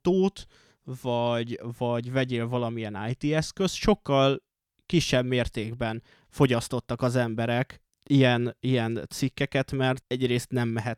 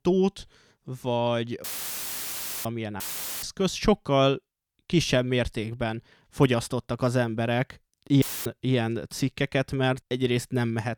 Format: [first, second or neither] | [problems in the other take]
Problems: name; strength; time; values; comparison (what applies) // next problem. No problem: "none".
first | audio cutting out; filled with static; at 1.5 s for 1 s, at 3 s and at 8 s